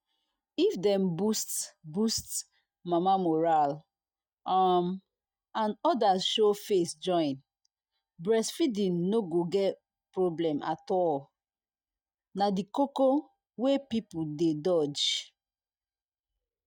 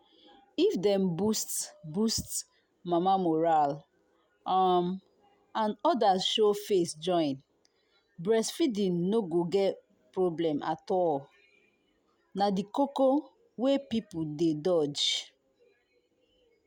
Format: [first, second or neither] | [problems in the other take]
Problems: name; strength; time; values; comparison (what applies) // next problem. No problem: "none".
second | noise reduction (neural mask model DeepFilterNet 3)